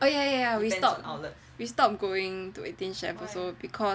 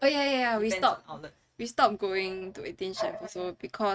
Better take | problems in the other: first | noise reduction (neural mask model RNNoise)

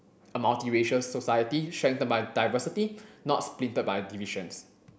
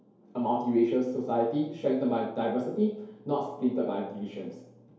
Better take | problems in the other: first | room echo; dies away in 2.4 s

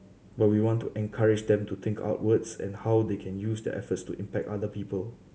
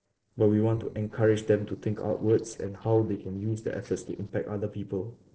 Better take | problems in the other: first | noise reduction (neural separator model SepFormer DNS4)

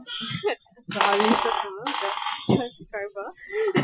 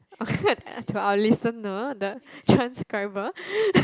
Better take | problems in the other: second | noise reduction (classical method Wiener filter)

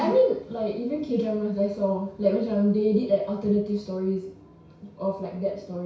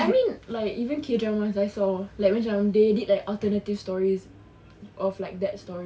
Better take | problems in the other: second | room echo; dies away in 0.6 s

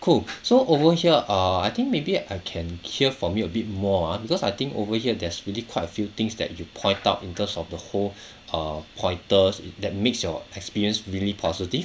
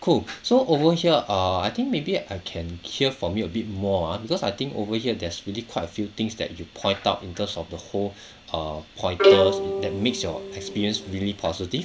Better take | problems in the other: first | background sound (Bowed string instrument); 2 dB above the speech

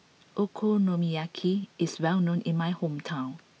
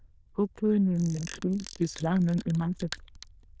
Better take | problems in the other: first | noise reduction (neural diffusion model UNIVERSE++)

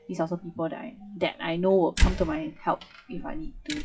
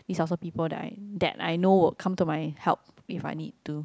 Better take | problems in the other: second | noise reduction (classical method WPE with log-MMSE)

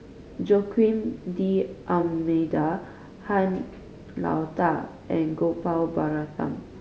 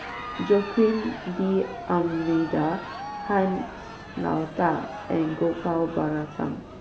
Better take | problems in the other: first | background sound (Crowd); 12 dB below the speech

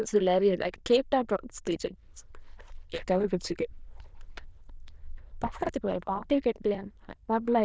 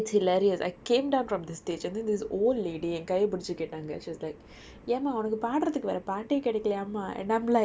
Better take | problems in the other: second | noise reduction (neural diffusion model UNIVERSE++)

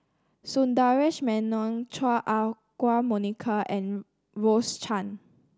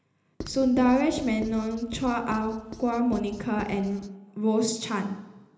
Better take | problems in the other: first | background sound (Writing); 15 dB below the speech // room echo; dies away in 1 s

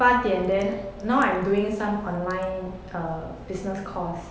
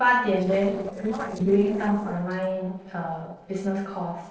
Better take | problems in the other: first | noise reduction (neural separator model SepFormer DNS4)

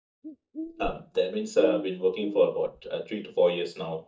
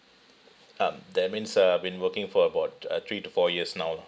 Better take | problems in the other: second | noise reduction (neural mask model DeepFilterNet 3)

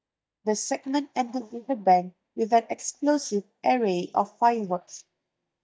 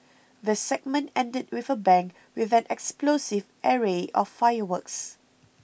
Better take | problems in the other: second | noise reduction (neural mask model DeepFilterNet 3)

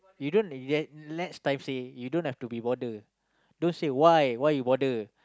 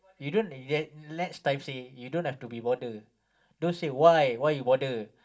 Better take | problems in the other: first | room echo; dies away in 0.2 s

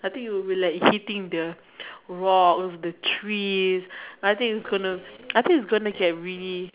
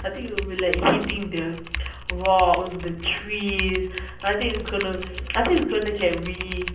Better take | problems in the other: first | background sound (Typing); 7 dB below the speech // room echo; dies away in 0.6 s

